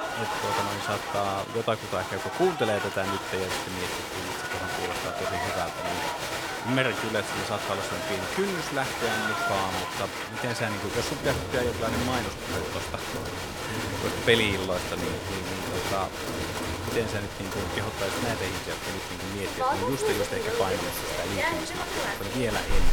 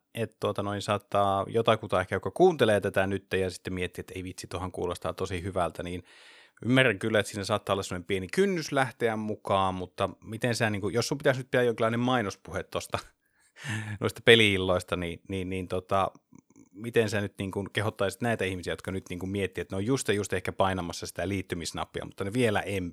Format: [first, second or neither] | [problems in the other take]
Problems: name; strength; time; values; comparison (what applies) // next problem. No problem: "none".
second | crowd noise; very loud; throughout; 1 dB above the speech